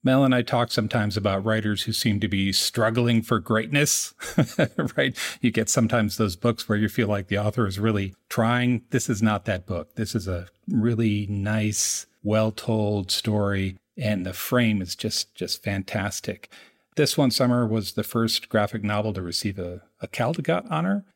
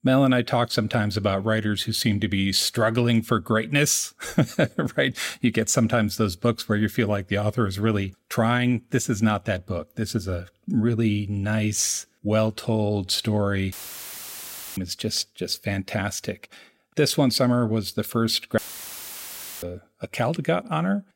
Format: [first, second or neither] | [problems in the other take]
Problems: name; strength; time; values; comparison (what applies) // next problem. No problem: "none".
first | audio cutting out; filled with static; at 14 s for 1 s and at 19 s for 1 s